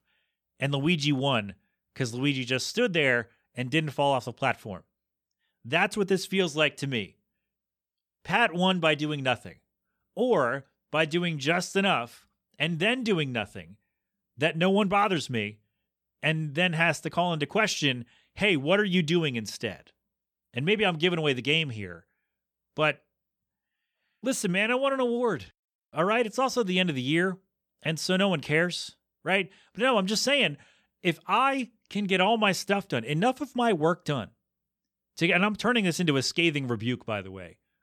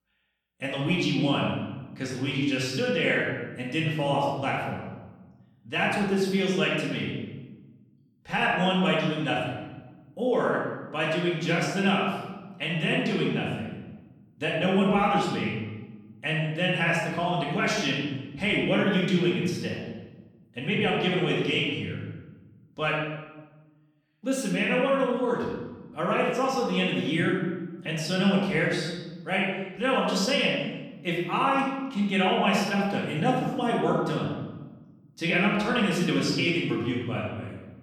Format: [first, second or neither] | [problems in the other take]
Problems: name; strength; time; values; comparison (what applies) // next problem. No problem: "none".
first | off-mic speech; far // room echo; noticeable; dies away in 1.1 s